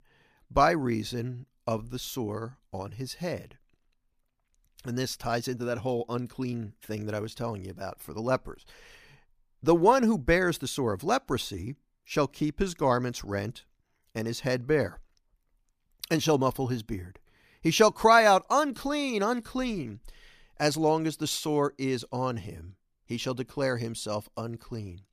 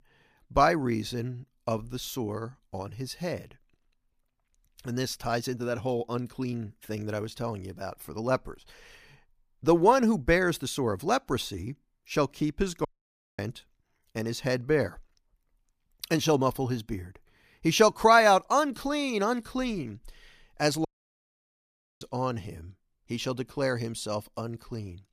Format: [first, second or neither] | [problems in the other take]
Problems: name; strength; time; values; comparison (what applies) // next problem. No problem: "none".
first | audio cutting out; at 13 s for 0.5 s and at 21 s for 1 s